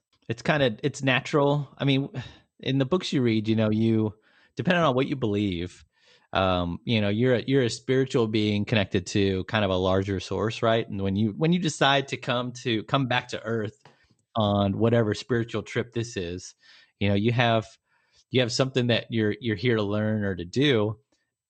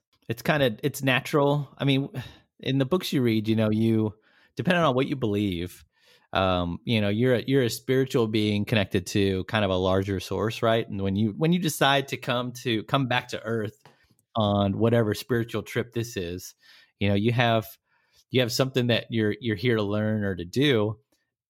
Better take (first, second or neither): second